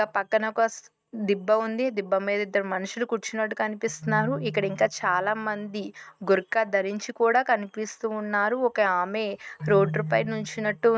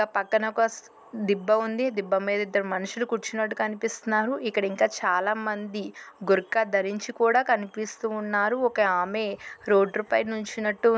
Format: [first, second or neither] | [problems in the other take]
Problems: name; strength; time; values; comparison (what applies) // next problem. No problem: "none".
second | noise reduction (neural mask model RNNoise)